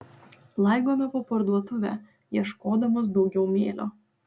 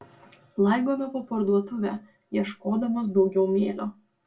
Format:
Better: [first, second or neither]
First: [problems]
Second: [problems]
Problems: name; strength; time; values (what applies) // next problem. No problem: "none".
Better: first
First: none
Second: room echo; dies away in 0.2 s